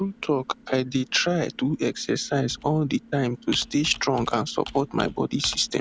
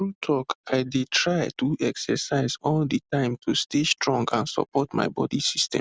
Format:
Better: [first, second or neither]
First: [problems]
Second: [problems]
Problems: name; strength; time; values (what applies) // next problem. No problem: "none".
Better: second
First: background sound (Computer keyboard); 18 dB below the speech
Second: none